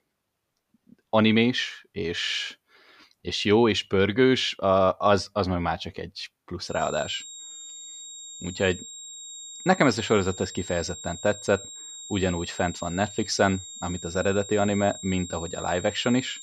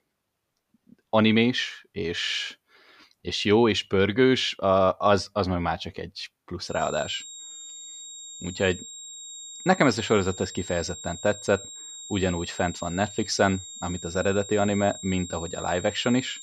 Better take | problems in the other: neither | high-pitched whine; noticeable; from 6.5 s on; 7.5 kHz, 15 dB below the speech; the same in both

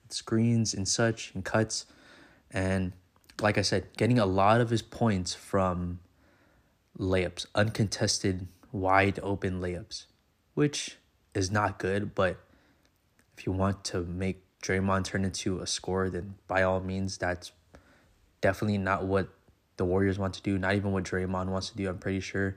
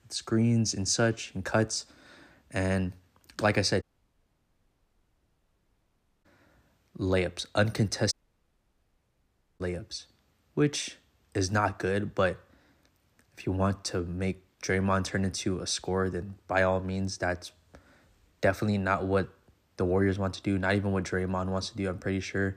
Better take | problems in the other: first | audio cutting out; at 4 s for 2.5 s and at 8 s for 1.5 s

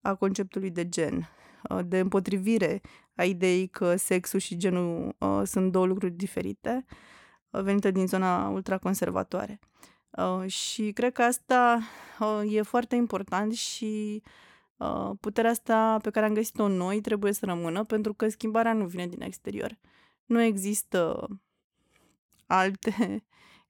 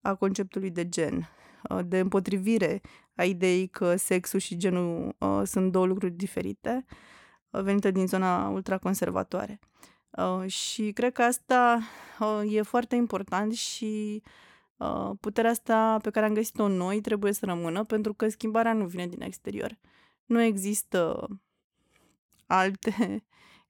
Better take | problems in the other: neither | none

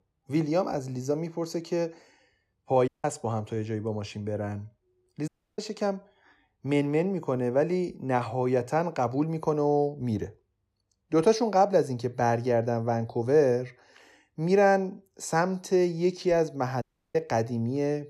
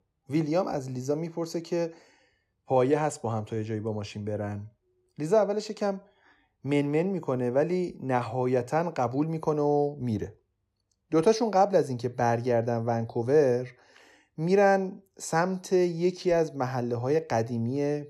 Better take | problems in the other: second | audio cutting out; at 3 s, at 5.5 s and at 17 s

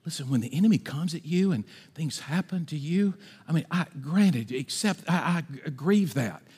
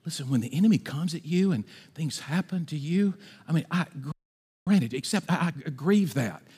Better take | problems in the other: first | audio freezing; at 4 s for 0.5 s

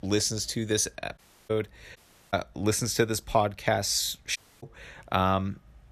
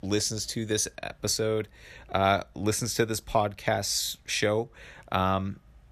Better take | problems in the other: second | audio cutting out; at 1 s, at 2 s and at 4.5 s

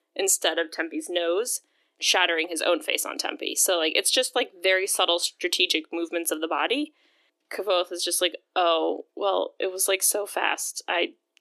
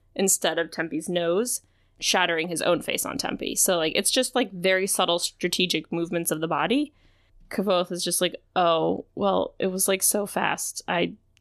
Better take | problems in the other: second | thin; somewhat; fading below 300 Hz

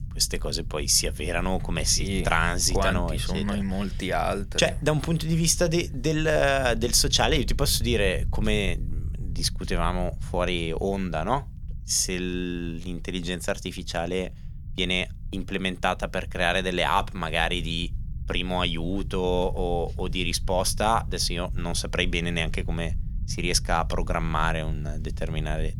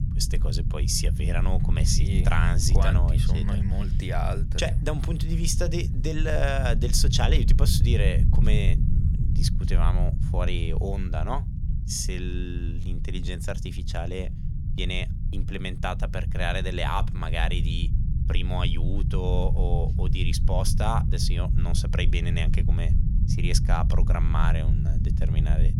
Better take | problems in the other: first | low rumble; loud; throughout; 9 dB below the speech; faint in the first

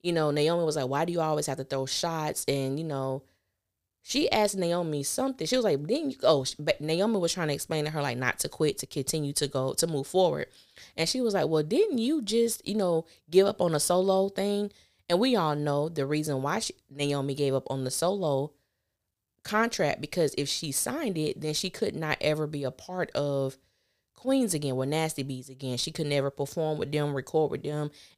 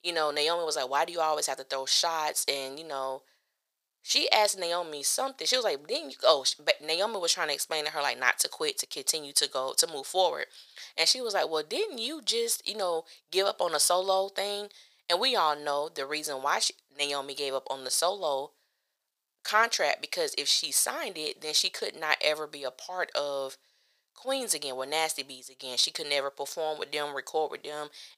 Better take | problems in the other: first | thin; very; fading below 800 Hz

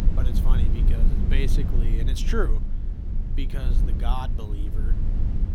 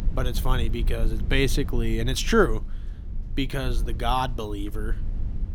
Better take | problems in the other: second | low rumble; loud; throughout; 5 dB below the speech; faint in the second

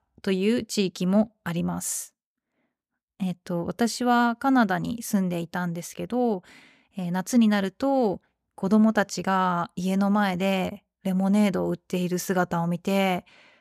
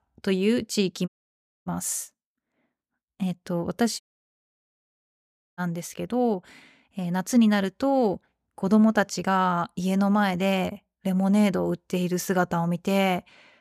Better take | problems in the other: first | audio cutting out; at 1 s for 0.5 s and at 4 s for 1.5 s

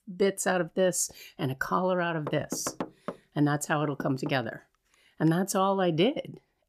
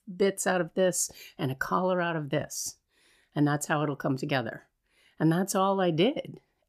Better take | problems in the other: second | door banging; noticeable; from 2.5 to 5.5 s; peak 8 dB below the speech

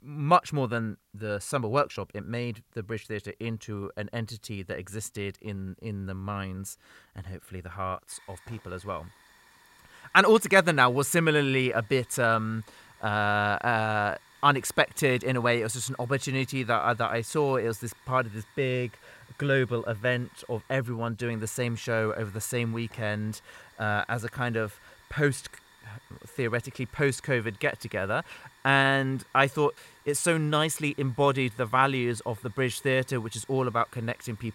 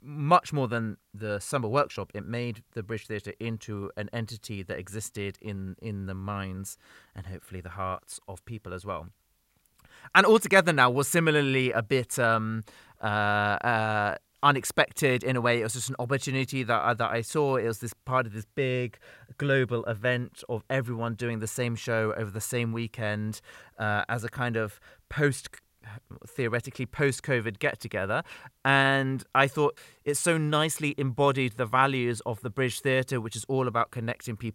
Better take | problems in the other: second | hiss; faint; from 8 s on; 30 dB below the speech

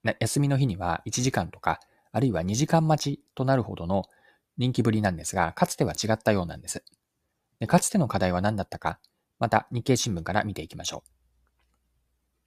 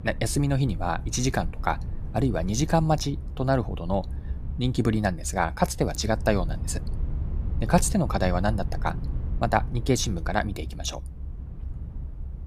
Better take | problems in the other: first | low rumble; faint; throughout; 20 dB below the speech

